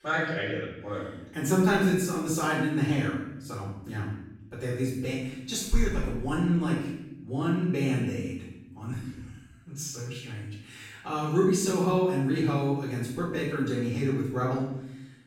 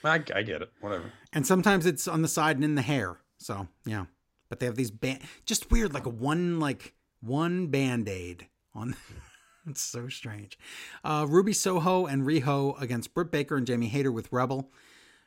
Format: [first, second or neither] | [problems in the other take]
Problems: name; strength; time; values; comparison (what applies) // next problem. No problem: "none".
second | off-mic speech; far // room echo; noticeable; dies away in 0.9 s